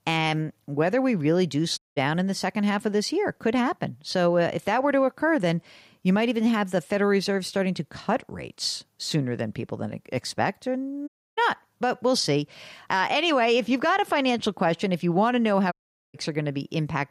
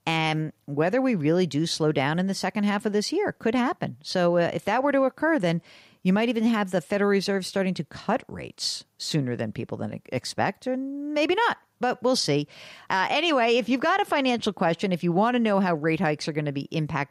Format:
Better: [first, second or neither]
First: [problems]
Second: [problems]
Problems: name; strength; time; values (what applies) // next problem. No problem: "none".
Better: second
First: audio cutting out; at 2 s, at 11 s and at 16 s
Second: none